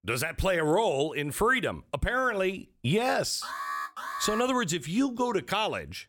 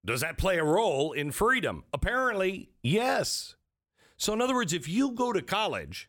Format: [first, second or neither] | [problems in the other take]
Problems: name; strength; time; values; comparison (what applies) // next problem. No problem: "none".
second | alarm; noticeable; from 3.5 to 4.5 s; peak 5 dB below the speech